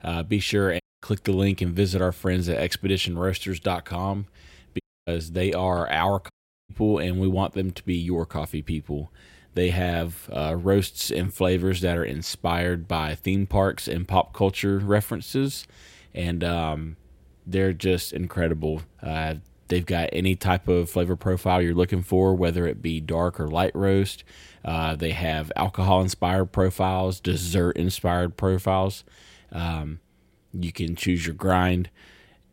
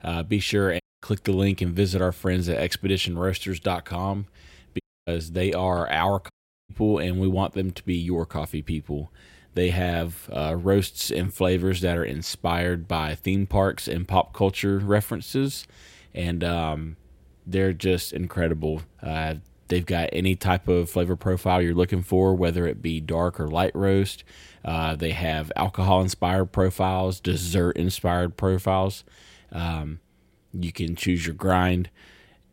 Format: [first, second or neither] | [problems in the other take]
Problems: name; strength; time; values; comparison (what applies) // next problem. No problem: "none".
neither | audio cutting out; at 1 s, at 5 s and at 6.5 s; the same in both